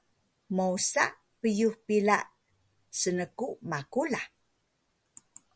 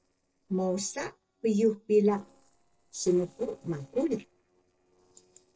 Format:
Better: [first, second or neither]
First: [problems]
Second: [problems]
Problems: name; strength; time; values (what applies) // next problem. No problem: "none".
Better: first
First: none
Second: noise reduction (neural separator model SepFormer DNS4)